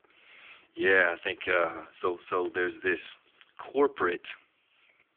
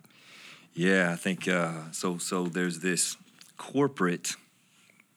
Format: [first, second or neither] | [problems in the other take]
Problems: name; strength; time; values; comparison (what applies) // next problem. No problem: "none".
second | phone-call audio; poor line